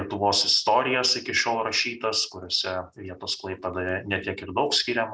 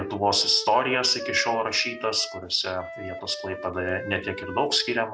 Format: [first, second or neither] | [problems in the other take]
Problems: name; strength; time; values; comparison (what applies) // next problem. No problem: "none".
first | background sound (Wind instrument, woodwind instrument); 12 dB below the speech